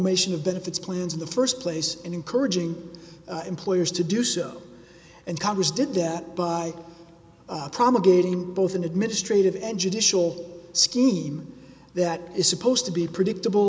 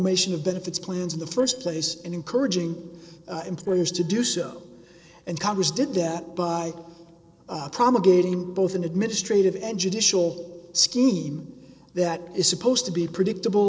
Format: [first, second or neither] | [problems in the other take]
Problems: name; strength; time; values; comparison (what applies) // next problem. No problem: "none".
first | noise reduction (neural separator model SepFormer DNS4)